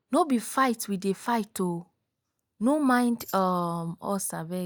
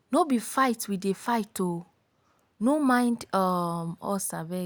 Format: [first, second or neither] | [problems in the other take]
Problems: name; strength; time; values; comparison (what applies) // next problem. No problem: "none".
second | noise reduction (neural mask model DeepFilterNet 3)